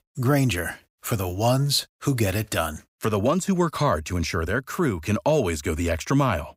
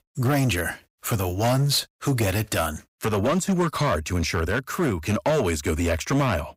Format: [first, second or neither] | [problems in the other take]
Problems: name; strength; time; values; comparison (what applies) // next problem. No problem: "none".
first | distortion; slight; 10% of the sound clipped